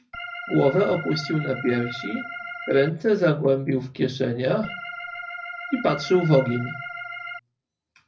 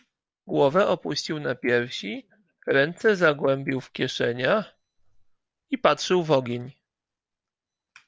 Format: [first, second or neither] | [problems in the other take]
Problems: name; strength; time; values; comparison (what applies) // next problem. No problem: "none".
second | background sound (Organ); 10 dB below the speech // room echo; dies away in 0.4 s